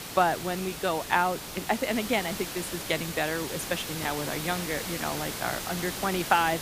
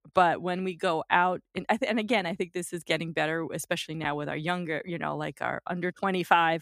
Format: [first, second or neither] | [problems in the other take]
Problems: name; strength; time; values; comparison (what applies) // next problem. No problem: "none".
second | hiss; loud; throughout; 5 dB below the speech